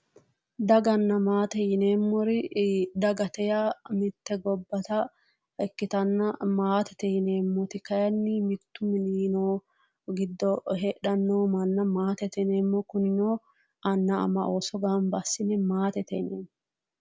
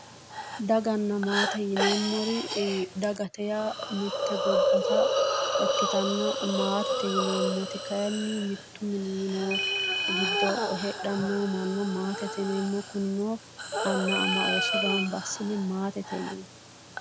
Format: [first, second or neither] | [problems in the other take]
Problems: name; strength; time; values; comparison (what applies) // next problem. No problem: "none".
first | background sound (Hiss + Ringtone); as loud as the speech